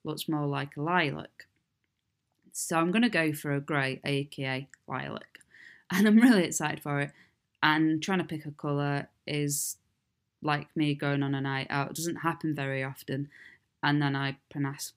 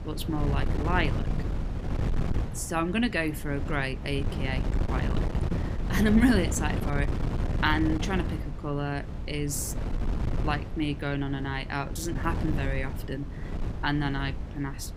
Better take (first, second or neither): first